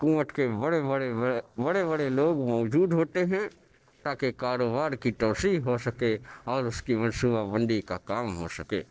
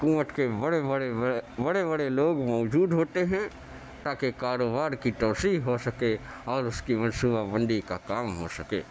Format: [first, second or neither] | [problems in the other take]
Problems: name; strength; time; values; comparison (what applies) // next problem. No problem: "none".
second | noise reduction (neural separator model SepFormer DNS4)